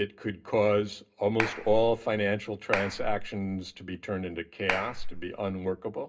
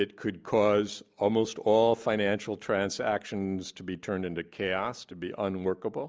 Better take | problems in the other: second | background sound (Clapping); 4 dB below the speech // room echo; dies away in 0.2 s

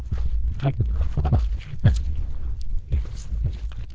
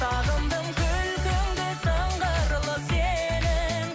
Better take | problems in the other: second | noise reduction (neural diffusion model UNIVERSE++)

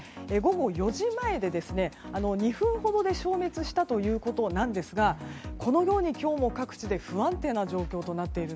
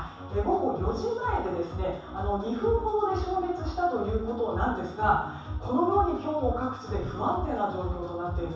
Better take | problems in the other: first | background sound (Cupboard open or close); 15 dB below the speech // room echo; dies away in 0.7 s

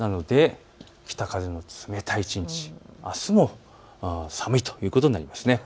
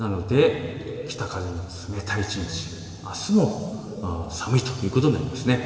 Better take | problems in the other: first | room echo; dies away in 2.8 s

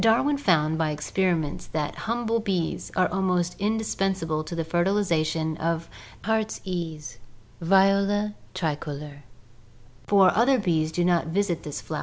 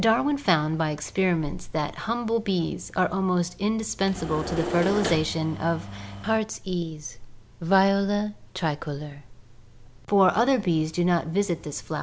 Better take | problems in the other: first | background sound (Engine / Mechanisms); 7 dB below the speech

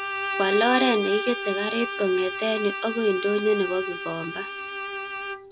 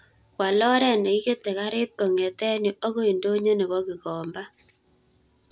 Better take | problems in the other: second | background sound (Bowed string instrument); 5 dB below the speech

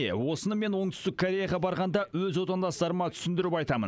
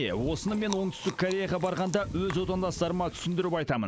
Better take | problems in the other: first | background sound (Chewing, mastication); 13 dB below the speech

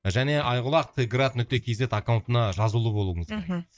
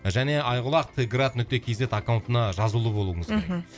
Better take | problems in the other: second | noise reduction (neural mask model DeepFilterNet 3)

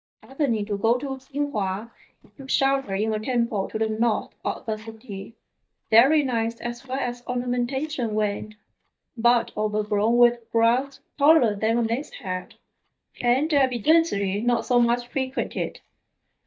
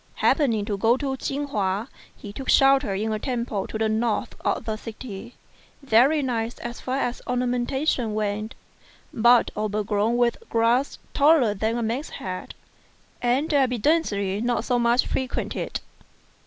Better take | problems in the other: second | noise reduction (neural mask model DeepFilterNet 3)

